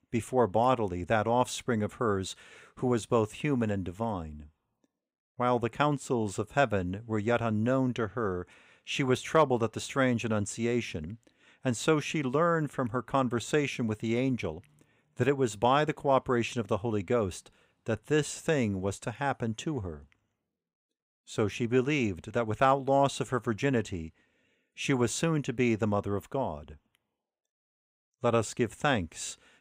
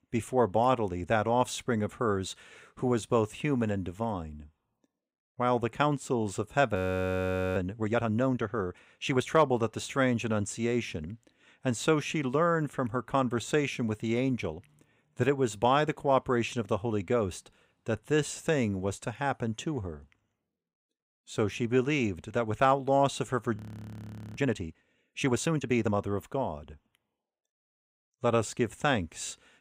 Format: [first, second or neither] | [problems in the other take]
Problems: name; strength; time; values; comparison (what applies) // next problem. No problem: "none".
first | audio freezing; at 7 s for 1 s and at 24 s for 1 s